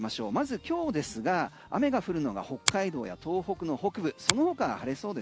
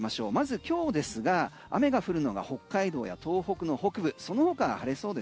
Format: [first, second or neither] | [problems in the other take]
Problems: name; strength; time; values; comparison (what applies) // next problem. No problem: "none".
second | background sound (Finger snapping); 6 dB below the speech